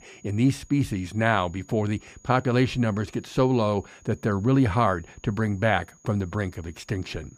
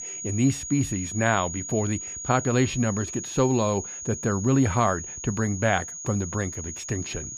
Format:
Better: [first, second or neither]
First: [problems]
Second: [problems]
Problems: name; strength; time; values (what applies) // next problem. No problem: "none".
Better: first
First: high-pitched whine; faint; throughout; 6.5 kHz, 30 dB below the speech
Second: high-pitched whine; loud; throughout; 6.5 kHz, 8 dB below the speech